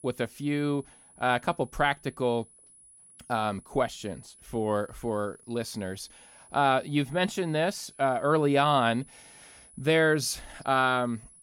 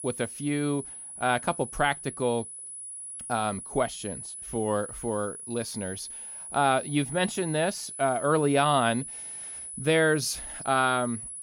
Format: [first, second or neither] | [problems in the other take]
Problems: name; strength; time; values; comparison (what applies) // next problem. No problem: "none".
first | high-pitched whine; loud; throughout; 10 kHz, 9 dB below the speech; faint in the first